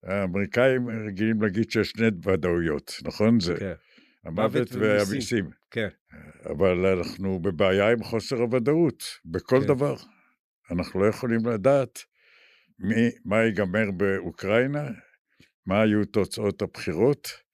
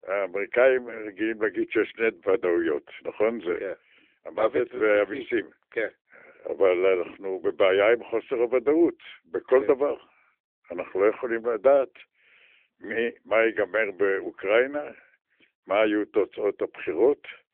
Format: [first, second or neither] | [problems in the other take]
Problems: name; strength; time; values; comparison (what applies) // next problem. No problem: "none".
first | phone-call audio